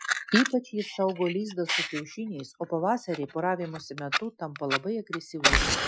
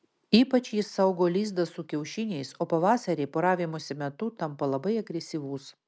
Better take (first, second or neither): second